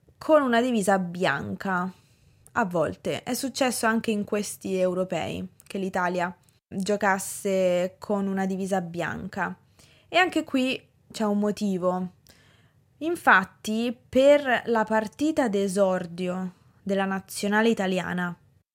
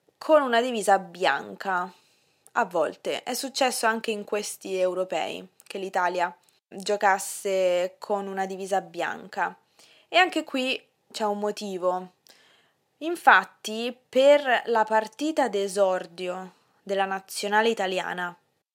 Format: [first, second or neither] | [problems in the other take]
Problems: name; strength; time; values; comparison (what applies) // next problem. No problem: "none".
first | thin; somewhat; fading below 400 Hz